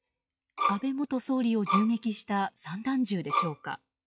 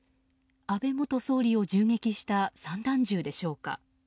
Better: second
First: noise reduction (classical method log-MMSE)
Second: none

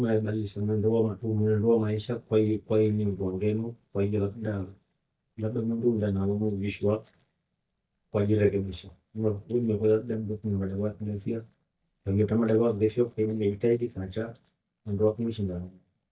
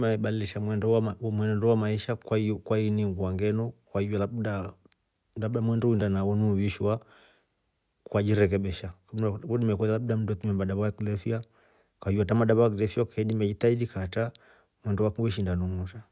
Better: second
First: noise reduction (neural mask model DeepFilterNet 3)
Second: none

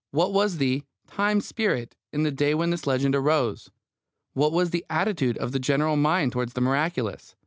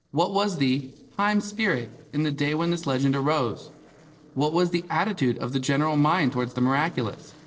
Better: first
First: none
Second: noise reduction (neural separator model SepFormer DNS4)

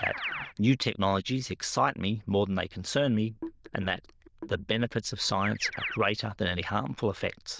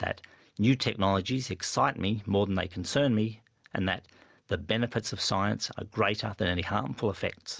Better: second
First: noise reduction (neural diffusion model UNIVERSE++)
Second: none

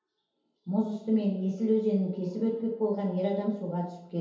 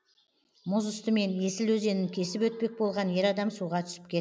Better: second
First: room echo; dies away in 0.8 s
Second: none

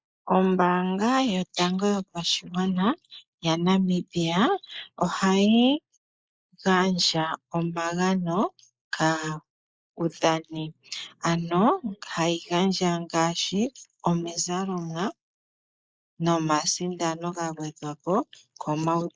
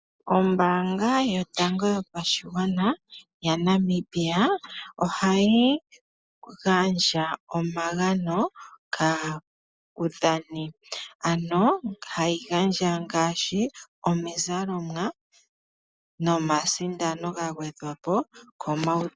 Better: second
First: noise reduction (neural mask model Resemble Enhance denoiser)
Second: none

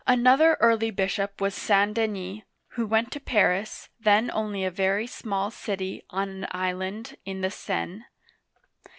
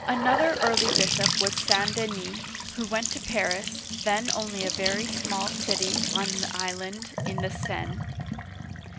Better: first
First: none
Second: background sound (Trickle, dribble / Bathtub (filling or washing) / Sink (filling or washing) / Gurgling / Splash, splatter); 1 dB above the speech

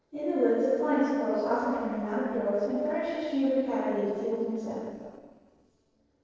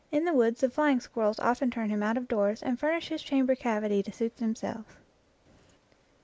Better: second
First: noise reduction (neural separator model SepFormer DNS4)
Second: none

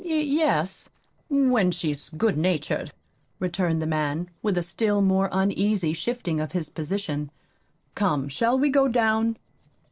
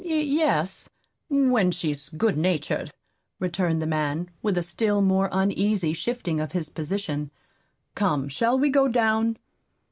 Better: second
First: noise reduction (neural separator model SepFormer DNS4)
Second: none

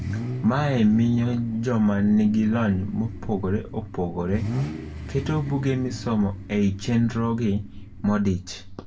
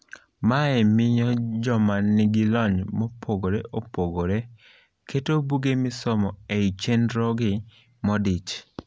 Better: second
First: background sound (Idling / Accelerating, revving, vroom / Car); 10 dB below the speech // room echo; dies away in 0.2 s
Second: none

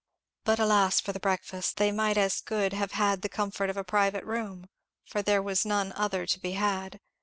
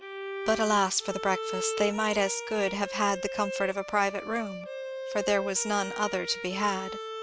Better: first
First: none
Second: background sound (Bowed string instrument); 7 dB below the speech

